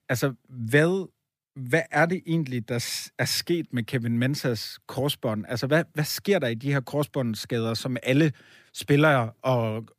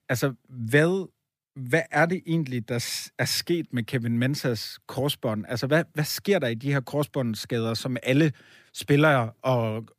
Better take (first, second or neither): neither